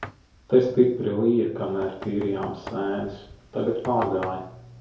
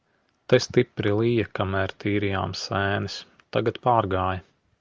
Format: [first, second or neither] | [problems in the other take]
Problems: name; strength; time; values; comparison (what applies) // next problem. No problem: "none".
second | background sound (Knock); 18 dB below the speech // room echo; dies away in 2.3 s